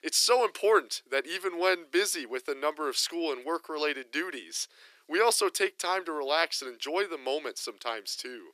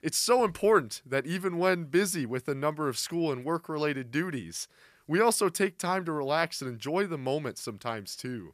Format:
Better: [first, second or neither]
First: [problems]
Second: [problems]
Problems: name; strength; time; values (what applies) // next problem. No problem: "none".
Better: second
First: thin; somewhat; fading below 350 Hz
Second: none